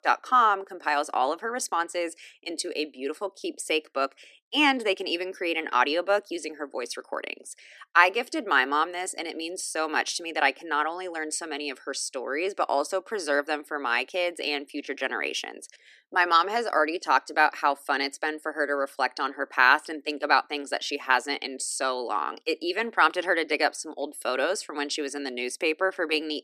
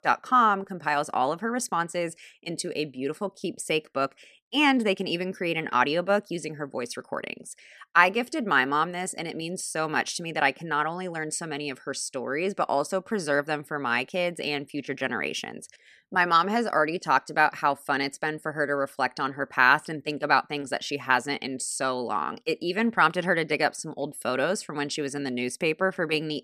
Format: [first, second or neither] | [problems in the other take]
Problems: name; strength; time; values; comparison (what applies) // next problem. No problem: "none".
second | thin; very slightly; fading below 300 Hz